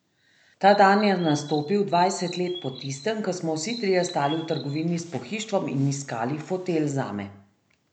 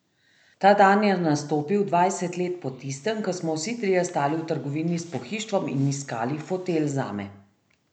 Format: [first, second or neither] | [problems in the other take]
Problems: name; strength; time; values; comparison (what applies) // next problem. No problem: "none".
second | background sound (Chirp, tweet); 16 dB below the speech